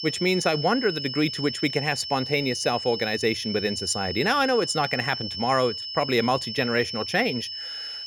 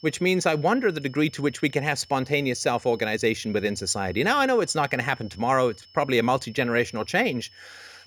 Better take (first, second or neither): second